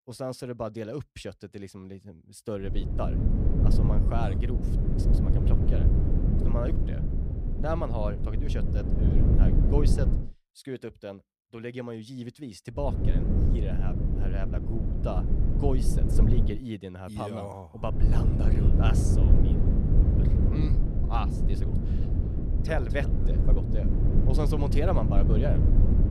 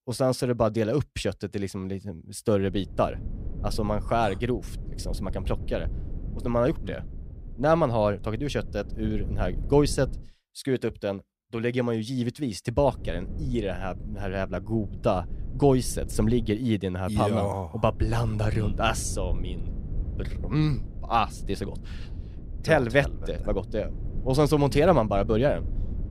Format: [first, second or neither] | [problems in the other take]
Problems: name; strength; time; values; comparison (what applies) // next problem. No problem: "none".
second | low rumble; loud; from 2.5 to 10 s, from 13 to 16 s and from 18 s on; 1 dB below the speech; faint in the second